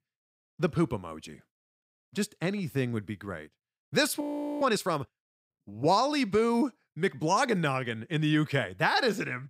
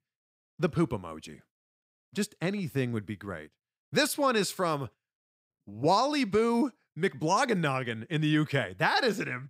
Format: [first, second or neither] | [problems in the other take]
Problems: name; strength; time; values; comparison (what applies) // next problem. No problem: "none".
second | audio freezing; at 4 s